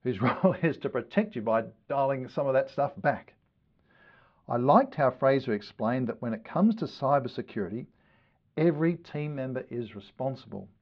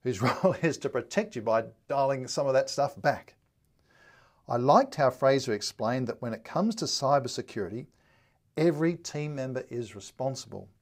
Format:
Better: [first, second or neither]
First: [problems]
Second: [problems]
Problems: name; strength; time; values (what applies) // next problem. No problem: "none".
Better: second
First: muffled; very; fading above 3.5 kHz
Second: none